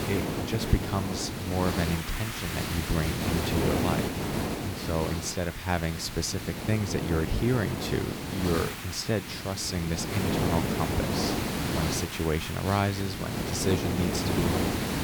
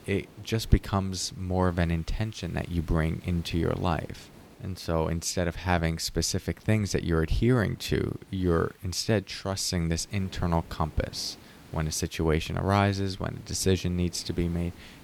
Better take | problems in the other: second | hiss; loud; throughout; 1 dB below the speech; faint in the second

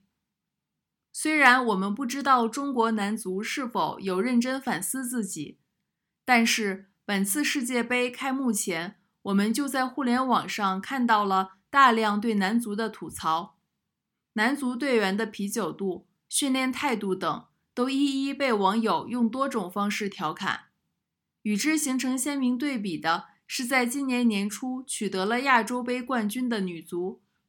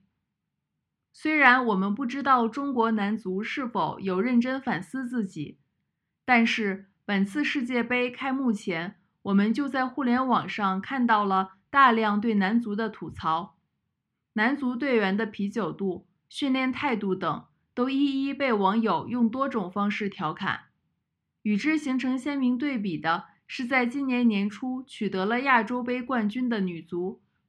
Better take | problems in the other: first | muffled; slightly; fading above 2.5 kHz

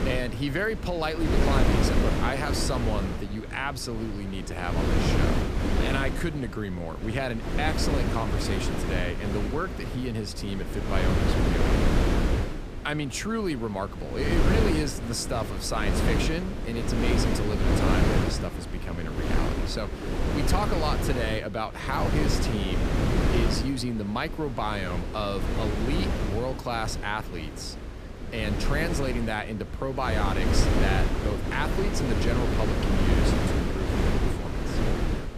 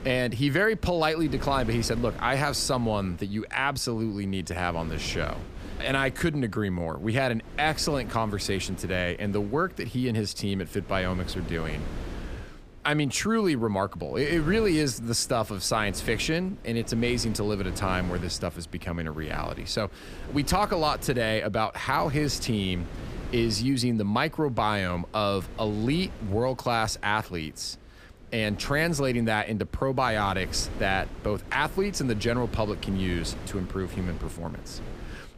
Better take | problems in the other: second | wind noise on the microphone; heavy; 1 dB below the speech; occasional gusts in the second

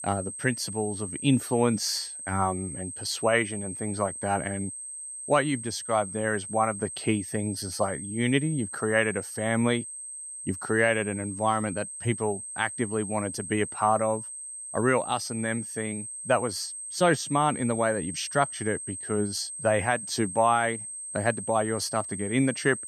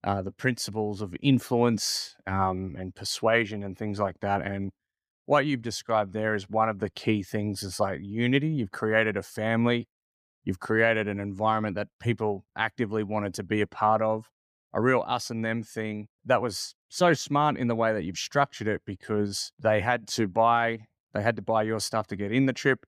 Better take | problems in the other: second | high-pitched whine; loud; throughout; 8.5 kHz, 8 dB below the speech

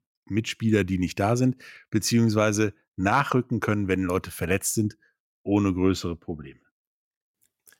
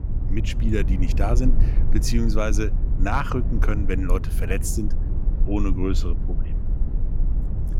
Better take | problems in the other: first | low rumble; noticeable; throughout; 10 dB below the speech

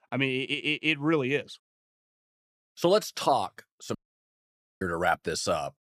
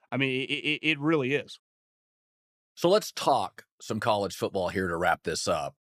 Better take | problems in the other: second | audio cutting out; at 4 s for 1 s

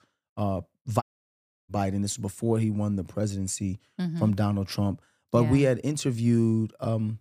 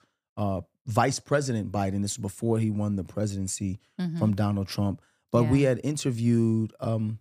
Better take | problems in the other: second | audio cutting out; at 1 s for 0.5 s

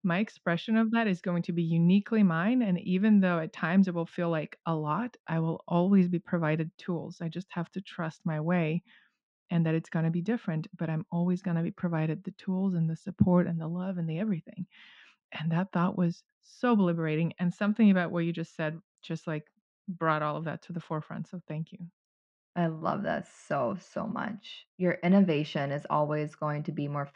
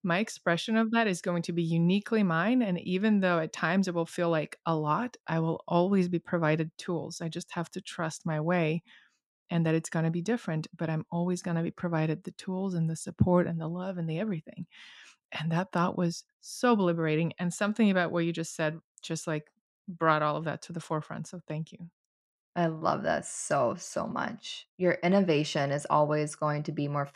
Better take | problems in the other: second | muffled; slightly; fading above 3 kHz

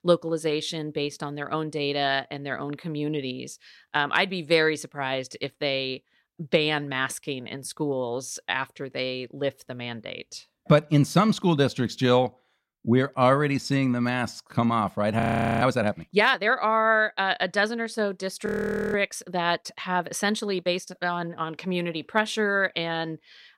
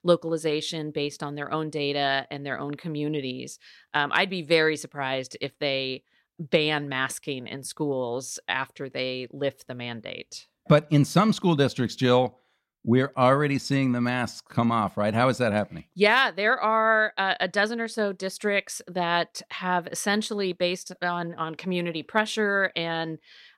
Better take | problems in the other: second | audio freezing; at 15 s and at 18 s

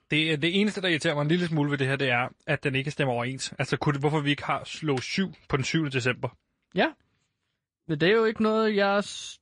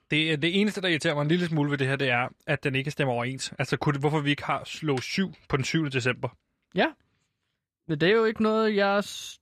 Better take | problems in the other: second | garbled, watery; slightly; nothing above 10 kHz

